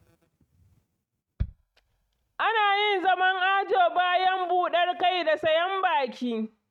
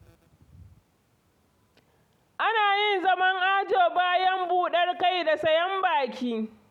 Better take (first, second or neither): second